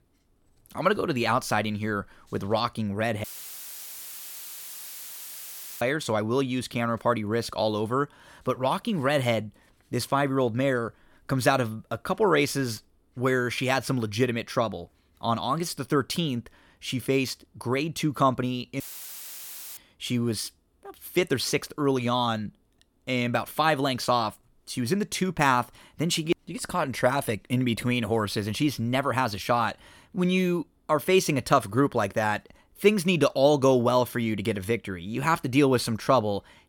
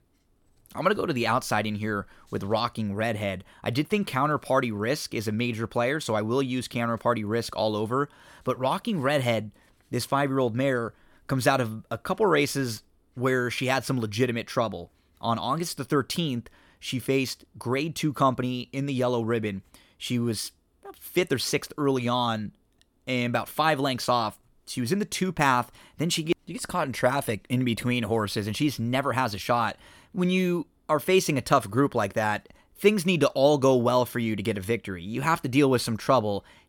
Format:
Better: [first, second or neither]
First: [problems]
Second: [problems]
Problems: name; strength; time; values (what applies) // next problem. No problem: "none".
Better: second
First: audio cutting out; filled with static; at 3 s for 2.5 s and at 19 s for 1 s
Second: none